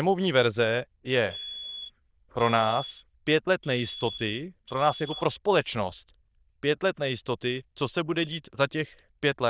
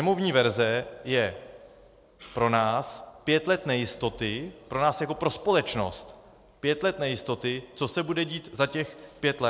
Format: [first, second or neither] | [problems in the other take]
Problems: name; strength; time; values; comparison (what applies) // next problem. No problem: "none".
second | noise reduction (neural diffusion model UNIVERSE++)